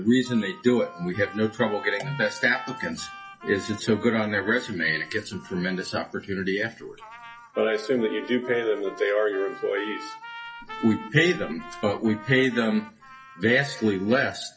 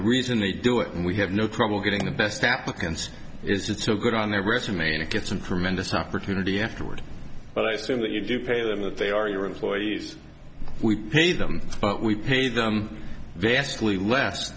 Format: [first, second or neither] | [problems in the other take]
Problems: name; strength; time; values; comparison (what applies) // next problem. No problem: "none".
second | noise reduction (classical method WPE with log-MMSE)